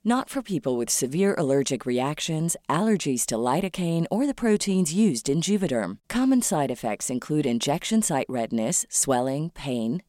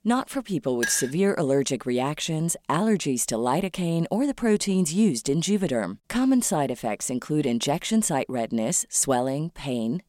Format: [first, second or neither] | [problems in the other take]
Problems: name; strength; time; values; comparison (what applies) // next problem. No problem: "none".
first | clattering dishes; noticeable; at 1 s; peak 5 dB below the speech